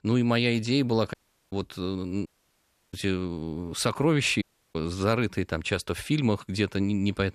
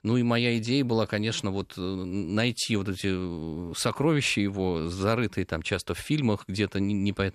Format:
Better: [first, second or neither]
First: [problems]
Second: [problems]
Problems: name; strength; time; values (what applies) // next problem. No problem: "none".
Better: second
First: audio cutting out; at 1 s, at 2.5 s for 0.5 s and at 4.5 s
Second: none